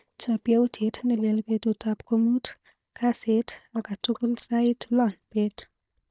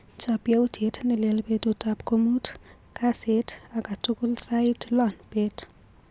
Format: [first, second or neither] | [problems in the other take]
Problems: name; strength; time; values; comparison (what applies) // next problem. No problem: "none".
second | noise reduction (neural mask model DeepFilterNet 3)